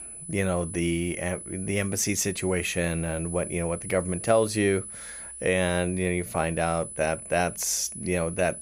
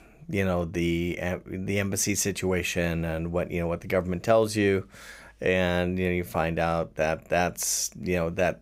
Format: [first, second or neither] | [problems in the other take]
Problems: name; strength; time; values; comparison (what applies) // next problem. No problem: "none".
second | high-pitched whine; loud; throughout; 10 kHz, 10 dB below the speech